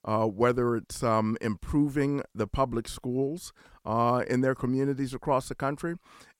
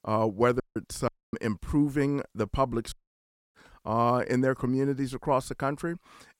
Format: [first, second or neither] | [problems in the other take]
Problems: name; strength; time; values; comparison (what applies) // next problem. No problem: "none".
first | audio cutting out; at 0.5 s, at 1 s and at 3 s for 0.5 s